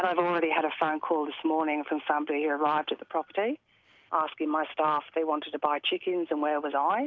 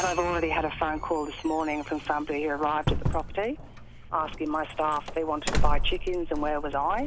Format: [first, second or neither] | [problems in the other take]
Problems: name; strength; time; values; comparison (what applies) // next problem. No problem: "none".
first | background sound (Doorbell); 1 dB below the speech